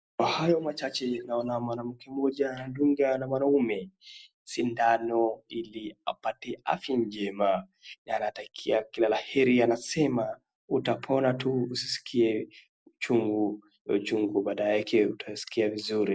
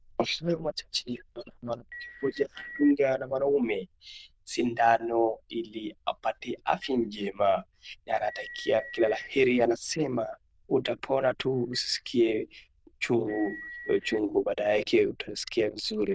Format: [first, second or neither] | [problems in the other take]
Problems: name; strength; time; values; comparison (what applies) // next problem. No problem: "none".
first | noise reduction (neural diffusion model UNIVERSE++)